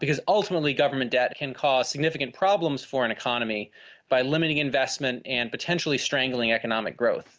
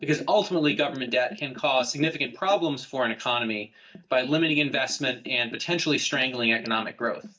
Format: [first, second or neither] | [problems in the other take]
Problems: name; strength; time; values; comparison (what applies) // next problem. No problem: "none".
first | noise reduction (neural mask model DeepFilterNet 3)